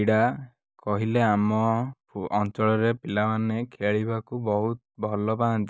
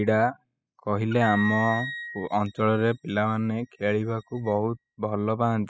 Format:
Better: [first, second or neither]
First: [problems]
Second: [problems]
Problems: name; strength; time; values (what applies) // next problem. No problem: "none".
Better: first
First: none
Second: noise reduction (classical method spectral subtraction)